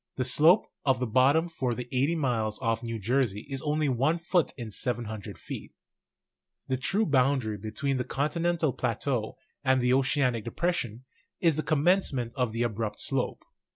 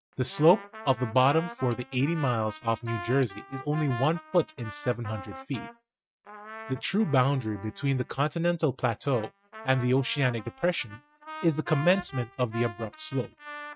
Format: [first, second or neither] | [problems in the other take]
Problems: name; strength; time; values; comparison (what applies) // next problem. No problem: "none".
first | noise reduction (neural mask model RNNoise)